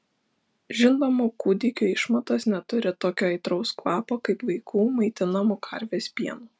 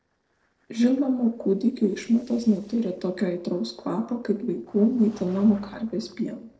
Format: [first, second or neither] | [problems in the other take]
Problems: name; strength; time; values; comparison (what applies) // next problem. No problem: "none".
first | noise reduction (neural separator model SepFormer DNS4)